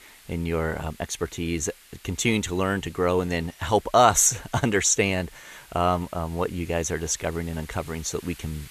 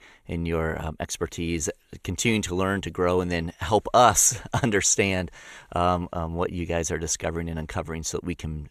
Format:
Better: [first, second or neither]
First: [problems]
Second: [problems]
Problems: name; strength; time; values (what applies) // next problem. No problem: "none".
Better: second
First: hiss; faint; throughout; 25 dB below the speech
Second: none